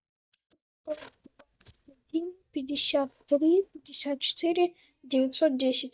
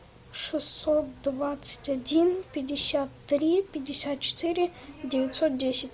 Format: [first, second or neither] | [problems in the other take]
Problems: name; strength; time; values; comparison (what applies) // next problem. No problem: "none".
second | noise reduction (neural mask model DeepFilterNet 3)